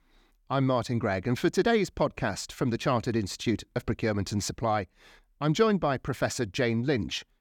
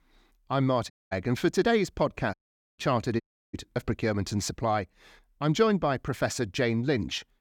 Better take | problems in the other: first | audio cutting out; at 1 s, at 2.5 s and at 3 s

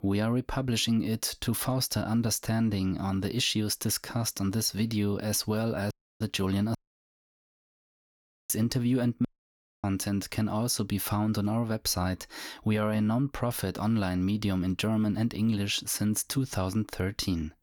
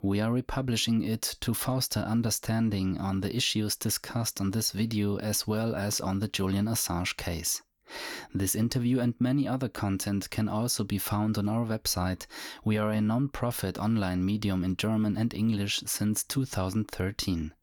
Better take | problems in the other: second | audio cutting out; at 6 s, at 7 s for 2 s and at 9.5 s for 0.5 s

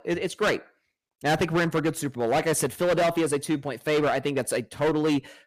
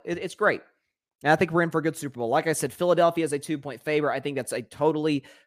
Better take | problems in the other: second | distortion; heavy; 13% of the sound clipped

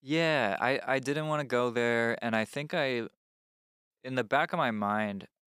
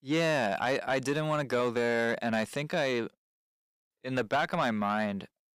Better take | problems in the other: first | distortion; slight; 10 dB below the speech

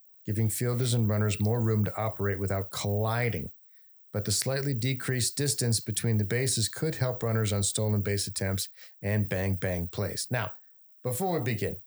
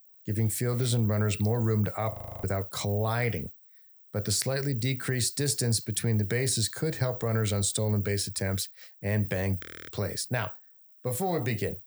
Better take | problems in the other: first | audio freezing; at 2 s and at 9.5 s

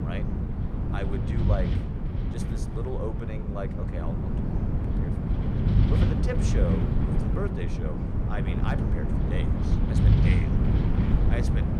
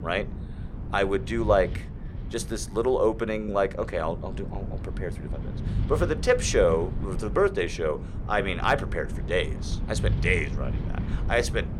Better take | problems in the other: second | wind noise on the microphone; heavy; 1 dB above the speech; occasional gusts in the second

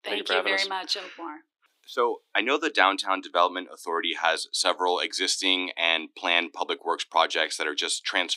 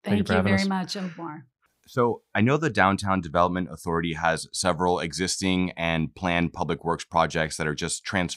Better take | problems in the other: second | thin; somewhat; fading below 300 Hz

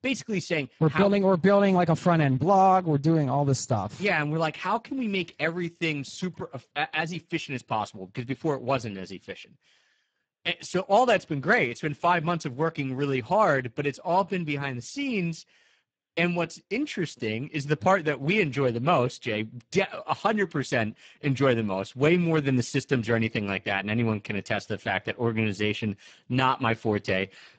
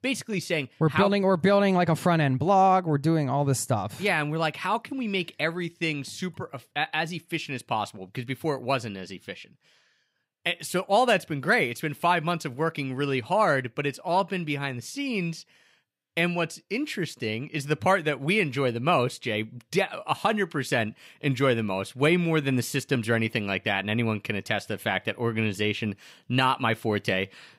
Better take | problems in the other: second | garbled, watery; badly; nothing above 7.5 kHz

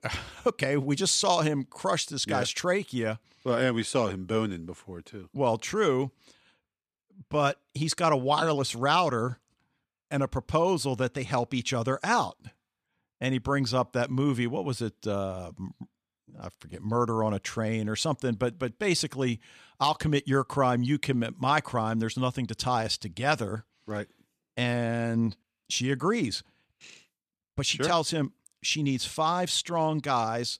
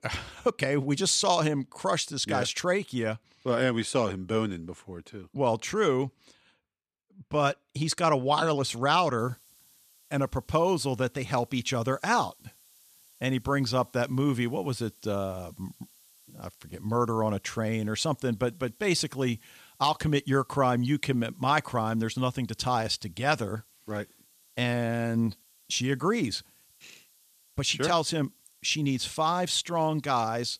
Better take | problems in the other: first | hiss; faint; from 9 s on; 30 dB below the speech

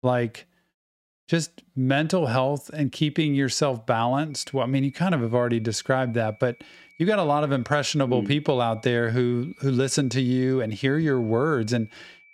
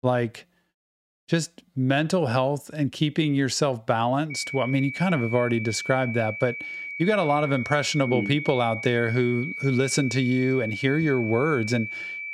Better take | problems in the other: first | high-pitched whine; loud; from 4.5 s on; 2.5 kHz, 8 dB below the speech; faint in the first

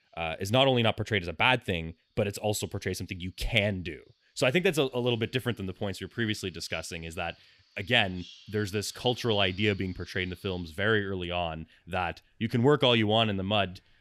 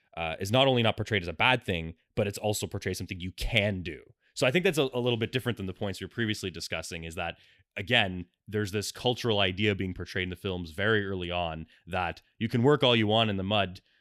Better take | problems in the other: second | animal sounds; faint; throughout; 25 dB below the speech

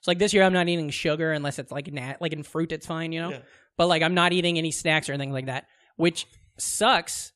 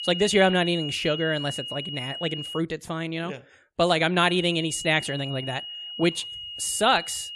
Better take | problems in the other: first | high-pitched whine; loud; until 2.5 s and from 4 s on; 3 kHz, 8 dB below the speech

